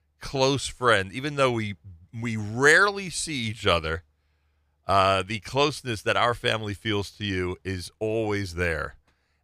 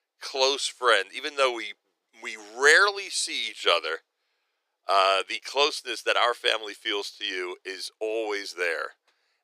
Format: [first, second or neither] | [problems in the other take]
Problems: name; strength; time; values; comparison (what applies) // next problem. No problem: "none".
first | thin; very; fading below 350 Hz